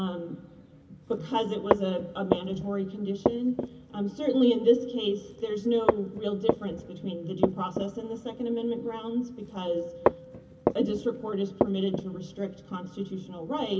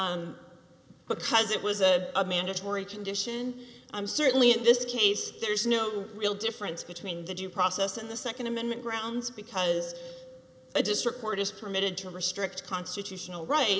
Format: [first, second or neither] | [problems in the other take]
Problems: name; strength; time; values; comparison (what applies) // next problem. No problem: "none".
second | background sound (Walk, footsteps); 4 dB below the speech // room echo; dies away in 0.3 s